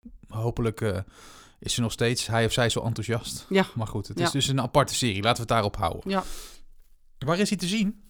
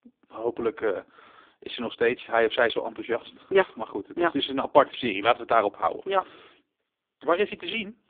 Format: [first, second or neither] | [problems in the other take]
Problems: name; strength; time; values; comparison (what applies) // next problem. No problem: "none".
first | phone-call audio; poor line; nothing above 3.5 kHz